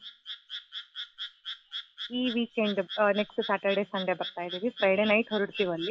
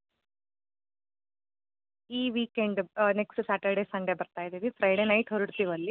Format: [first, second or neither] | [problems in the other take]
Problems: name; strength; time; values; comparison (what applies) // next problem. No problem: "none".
second | noise reduction (classical method log-MMSE)